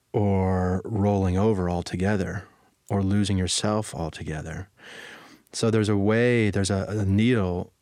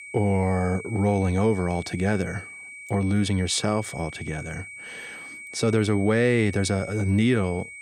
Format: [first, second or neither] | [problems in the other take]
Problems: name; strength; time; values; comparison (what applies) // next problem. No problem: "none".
first | high-pitched whine; noticeable; throughout; 2.5 kHz, 15 dB below the speech